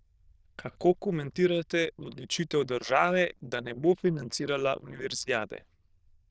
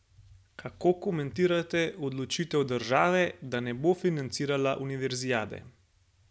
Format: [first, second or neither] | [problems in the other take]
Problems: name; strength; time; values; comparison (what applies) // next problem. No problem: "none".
second | noise reduction (neural diffusion model UNIVERSE++)